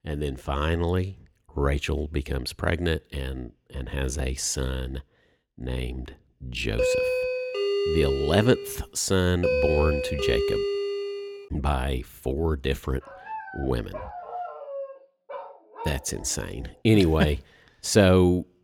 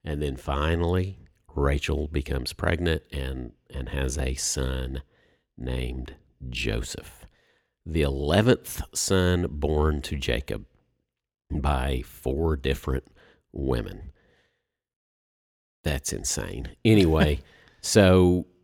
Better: second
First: doorbell; loud; from 7 to 11 s; peak 2 dB above the speech // dog barking; noticeable; from 13 to 17 s; peak 9 dB below the speech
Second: none

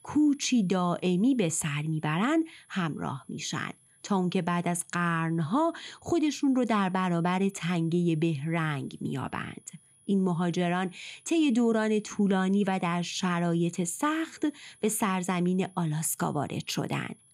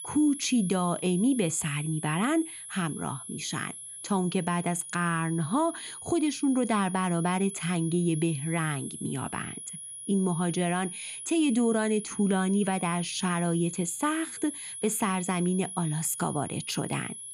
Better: first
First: high-pitched whine; faint; throughout; 10.5 kHz, 30 dB below the speech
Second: high-pitched whine; loud; throughout; 10.5 kHz, 9 dB below the speech

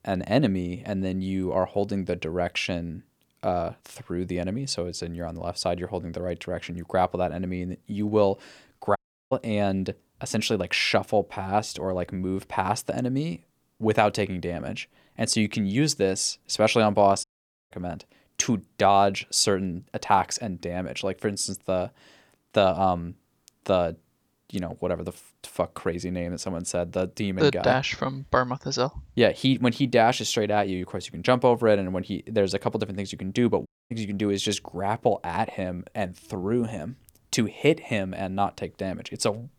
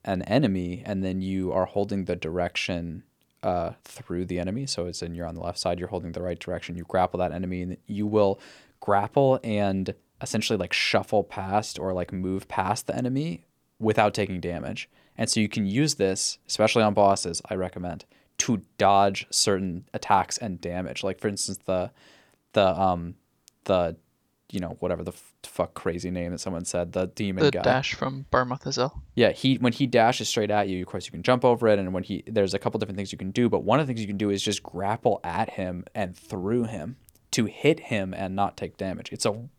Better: second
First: audio cutting out; at 9 s, at 17 s and at 34 s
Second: none

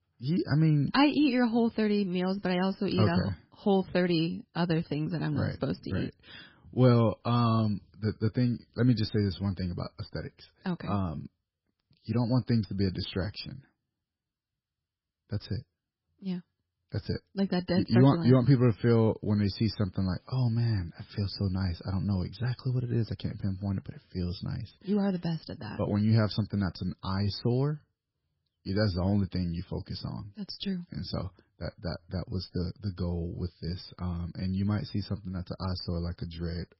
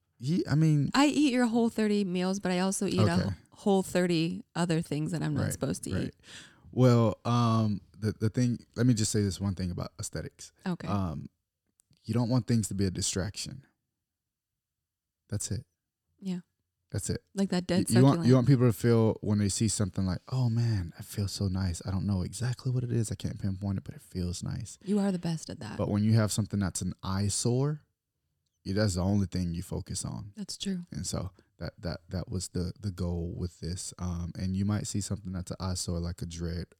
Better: second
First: garbled, watery; badly; nothing above 5.5 kHz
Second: none

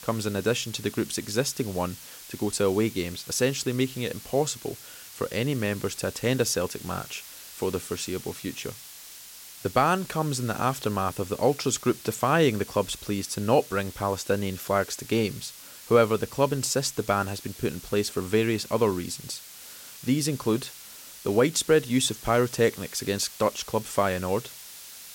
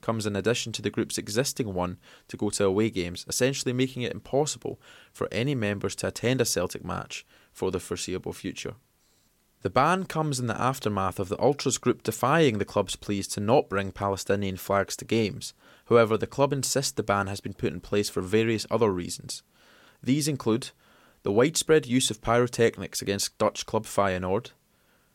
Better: second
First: hiss; noticeable; throughout; 15 dB below the speech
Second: none

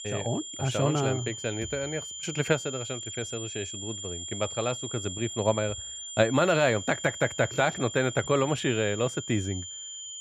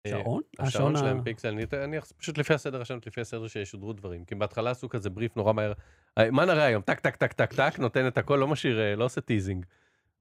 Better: second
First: high-pitched whine; loud; throughout; 3.5 kHz, 8 dB below the speech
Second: none

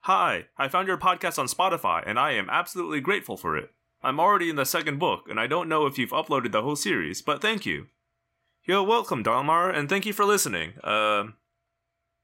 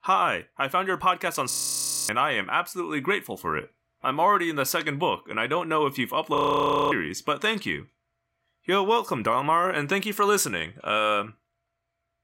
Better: first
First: none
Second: audio freezing; at 1.5 s for 0.5 s and at 6.5 s for 0.5 s

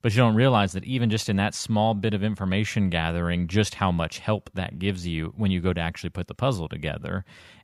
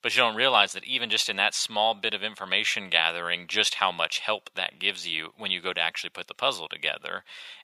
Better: first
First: none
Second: thin; very; fading below 700 Hz

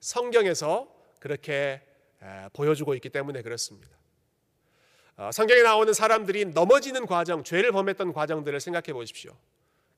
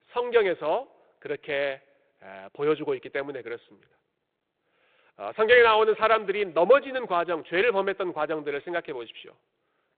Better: first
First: none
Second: phone-call audio; nothing above 3.5 kHz

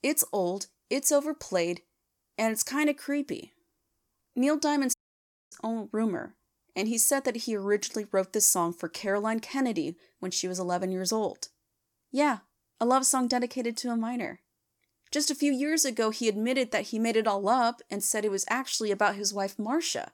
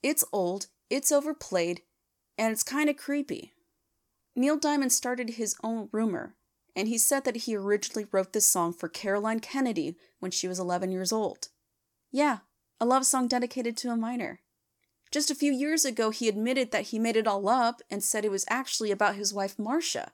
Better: second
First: audio cutting out; at 5 s for 0.5 s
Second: none

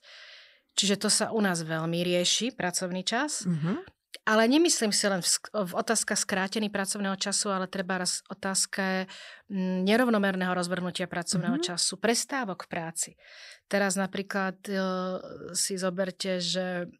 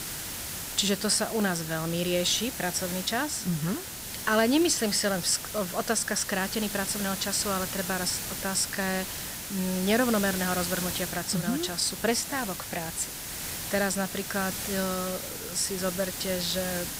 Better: first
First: none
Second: hiss; loud; throughout; 5 dB below the speech

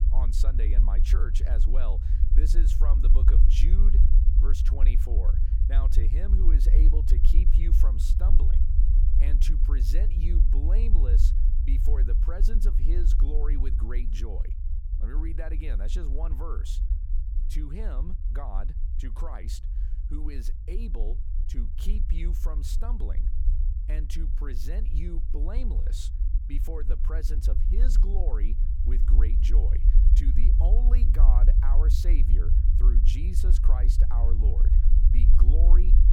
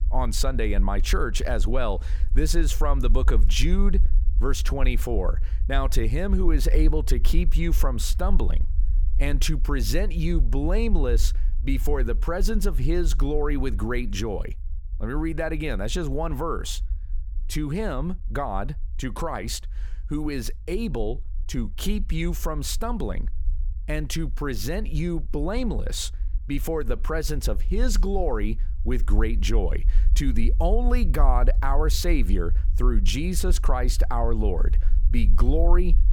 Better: second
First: low rumble; loud; throughout; 3 dB below the speech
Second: low rumble; faint; throughout; 20 dB below the speech

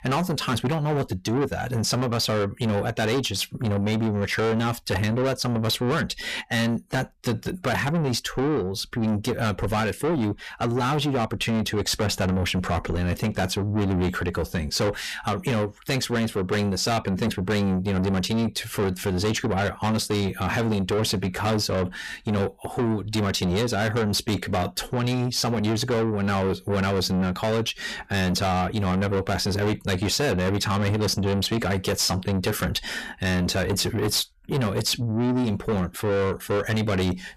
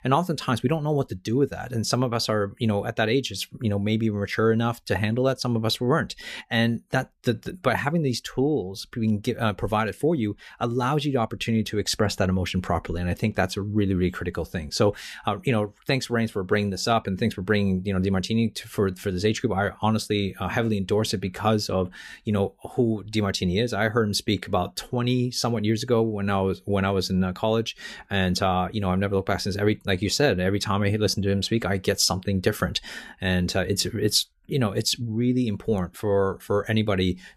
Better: second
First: distortion; heavy; 7 dB below the speech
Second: none

